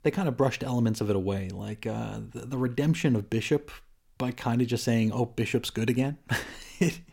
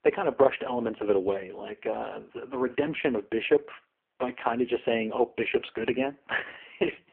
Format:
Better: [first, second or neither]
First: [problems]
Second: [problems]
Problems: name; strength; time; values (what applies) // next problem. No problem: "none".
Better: first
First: none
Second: phone-call audio; poor line